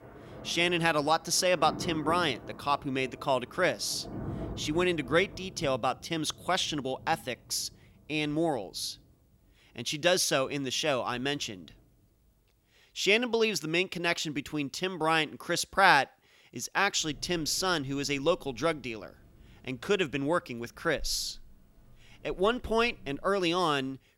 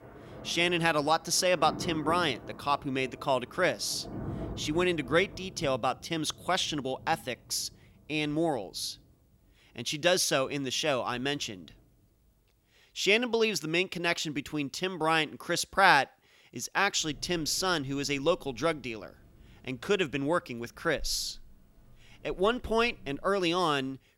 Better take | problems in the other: neither | rain or running water; noticeable; throughout; 15 dB below the speech; the same in both

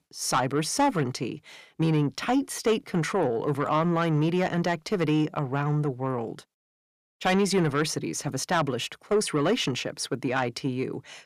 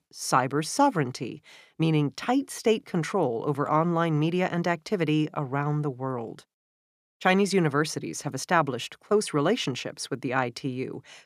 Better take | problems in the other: second | distortion; slight; 10 dB below the speech

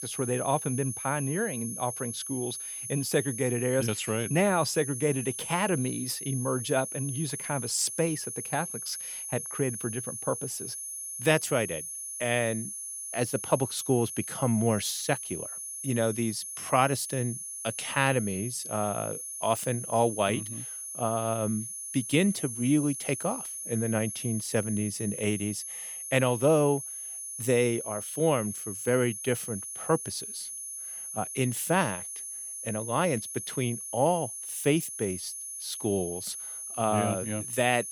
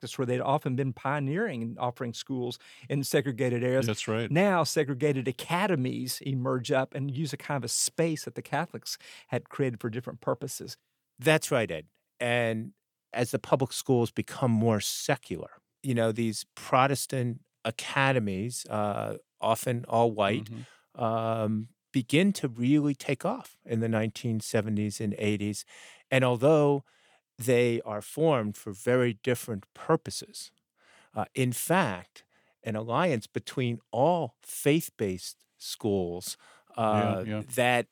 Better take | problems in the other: second | high-pitched whine; loud; throughout; 10 kHz, 6 dB below the speech

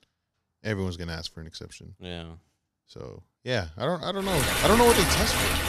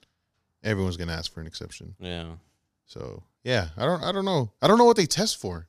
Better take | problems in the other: second | rain or running water; very loud; from 4.5 s on; 3 dB above the speech

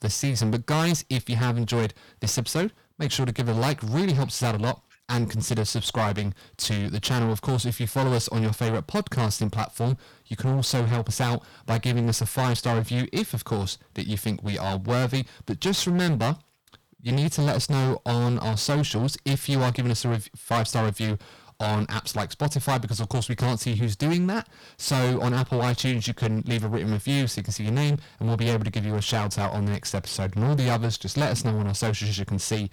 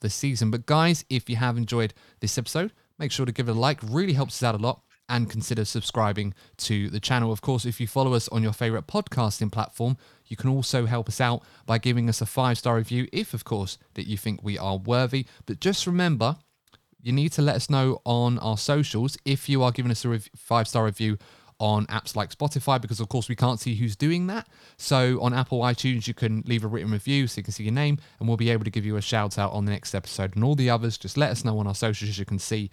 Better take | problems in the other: second | distortion; heavy; 18% of the sound clipped

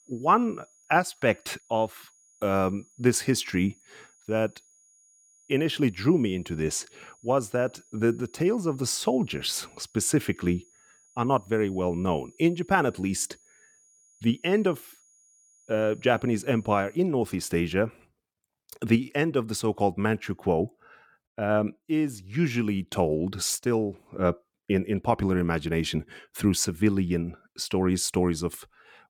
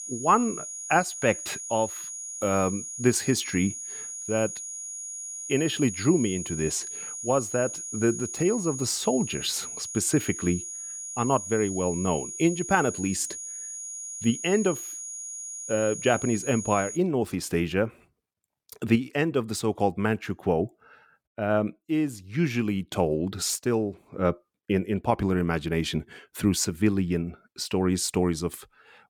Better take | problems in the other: first | high-pitched whine; loud; until 17 s; 6.5 kHz, 7 dB below the speech; faint in the first

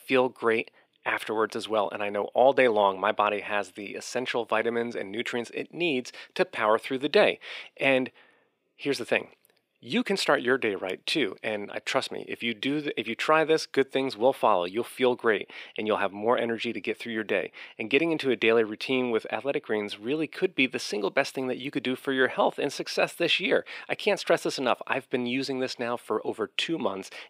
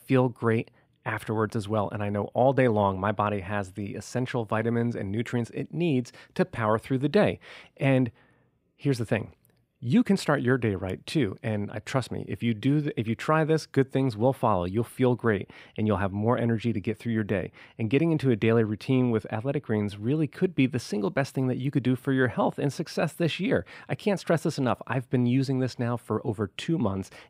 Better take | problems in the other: second | thin; somewhat; fading below 400 Hz

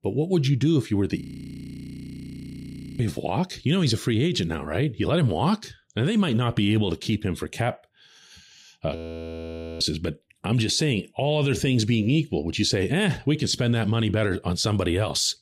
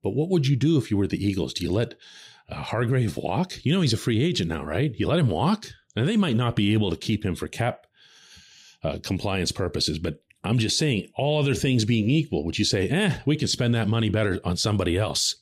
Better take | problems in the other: second | audio freezing; at 1 s for 2 s and at 9 s for 1 s

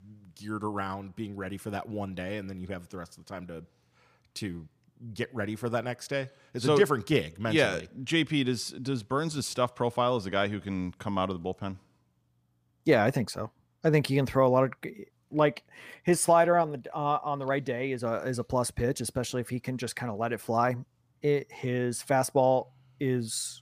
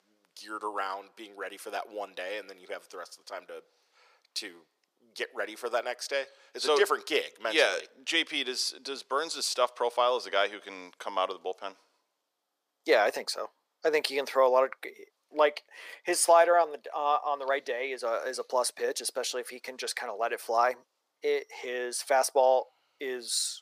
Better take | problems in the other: first | thin; very; fading below 450 Hz

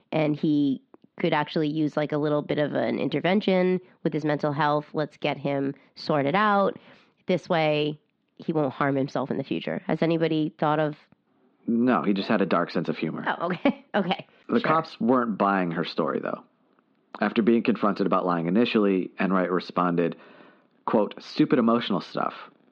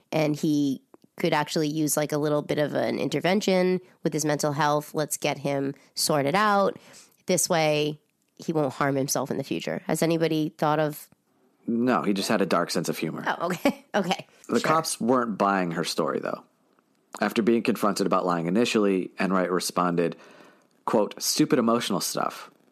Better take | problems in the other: second | muffled; slightly; fading above 4 kHz

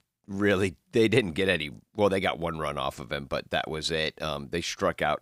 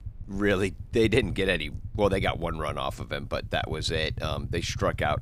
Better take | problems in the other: first | low rumble; faint; throughout; 25 dB below the speech

